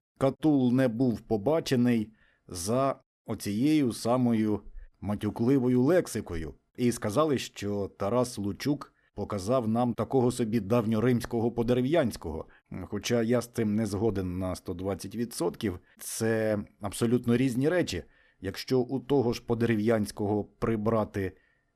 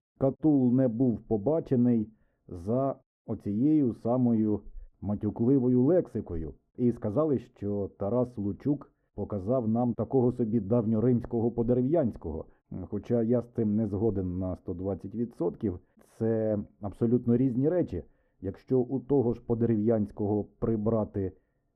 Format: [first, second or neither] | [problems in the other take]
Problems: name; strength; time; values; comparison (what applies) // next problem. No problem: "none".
first | muffled; very; fading above 1.5 kHz